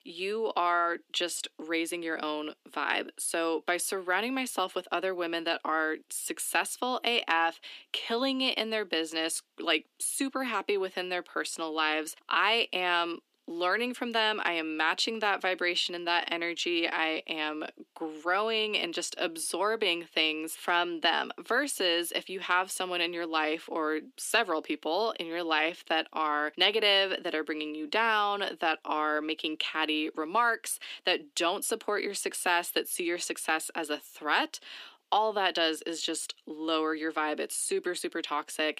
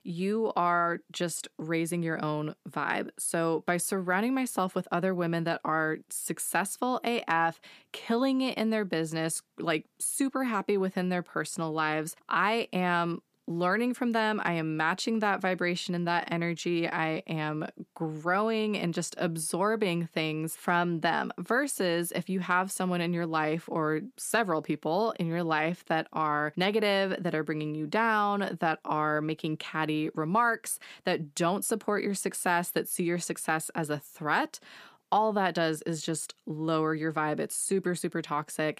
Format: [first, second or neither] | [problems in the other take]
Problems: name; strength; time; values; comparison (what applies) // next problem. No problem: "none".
second | thin; somewhat; fading below 250 Hz